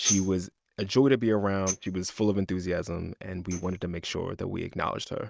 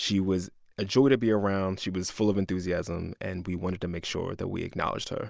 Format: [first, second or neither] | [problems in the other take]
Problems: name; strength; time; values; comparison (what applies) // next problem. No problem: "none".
second | noise reduction (neural mask model RNNoise)